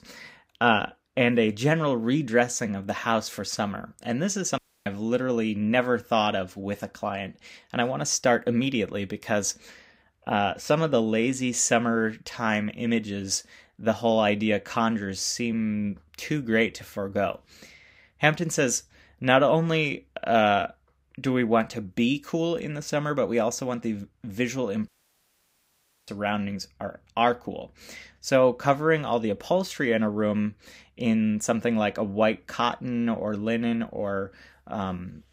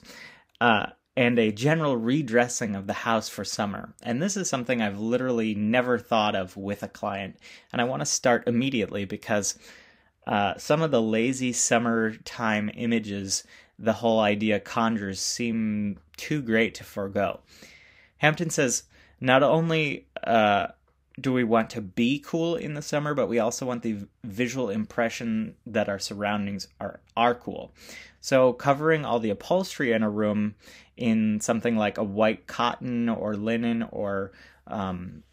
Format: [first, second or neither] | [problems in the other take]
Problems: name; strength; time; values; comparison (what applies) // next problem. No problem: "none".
second | audio cutting out; at 4.5 s and at 25 s for 1 s